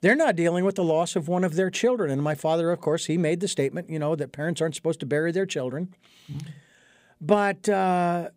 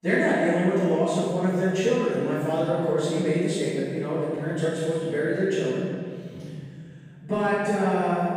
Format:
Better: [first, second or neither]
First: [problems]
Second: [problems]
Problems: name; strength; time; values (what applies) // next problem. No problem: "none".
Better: first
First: none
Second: room echo; strong; dies away in 1.9 s // off-mic speech; far